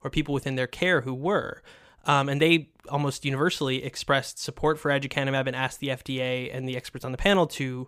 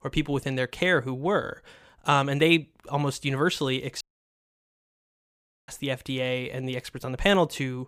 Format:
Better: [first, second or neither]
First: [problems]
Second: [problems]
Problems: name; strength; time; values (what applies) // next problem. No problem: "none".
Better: first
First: none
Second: audio cutting out; at 4 s for 1.5 s